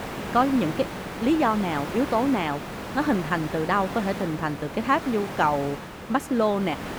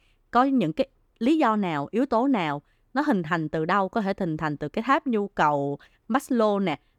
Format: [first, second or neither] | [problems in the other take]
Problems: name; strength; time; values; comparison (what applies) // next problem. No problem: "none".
second | hiss; loud; throughout; 9 dB below the speech